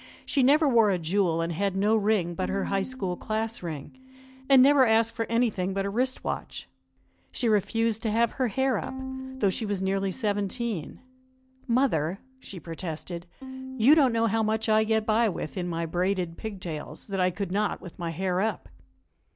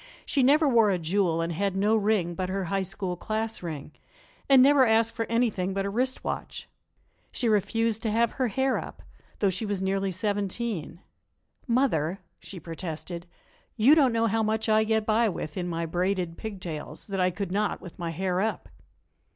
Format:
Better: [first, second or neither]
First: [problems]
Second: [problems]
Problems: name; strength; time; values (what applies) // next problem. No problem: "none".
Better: second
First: background sound (Bowed string instrument); 18 dB below the speech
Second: none